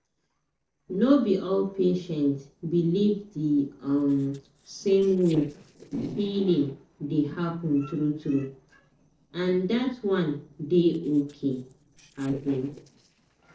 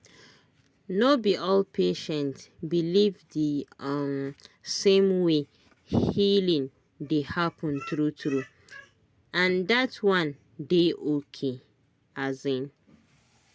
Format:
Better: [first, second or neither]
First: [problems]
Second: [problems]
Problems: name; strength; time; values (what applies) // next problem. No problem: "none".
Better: second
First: noise reduction (neural separator model SepFormer DNS4)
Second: none